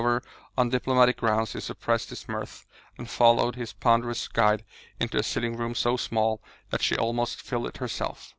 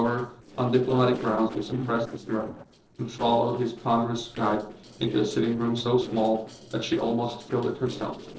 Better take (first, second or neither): first